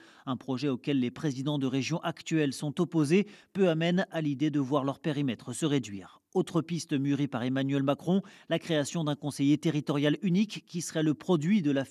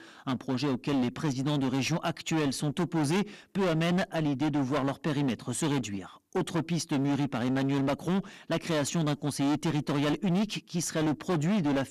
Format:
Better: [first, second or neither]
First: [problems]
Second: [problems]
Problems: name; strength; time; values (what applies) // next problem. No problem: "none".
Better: first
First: none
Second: distortion; heavy; 27% of the sound clipped